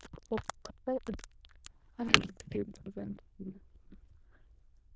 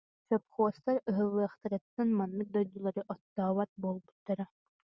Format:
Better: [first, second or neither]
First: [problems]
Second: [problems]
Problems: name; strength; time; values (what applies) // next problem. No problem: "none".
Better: second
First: noise reduction (neural diffusion model UNIVERSE++)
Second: none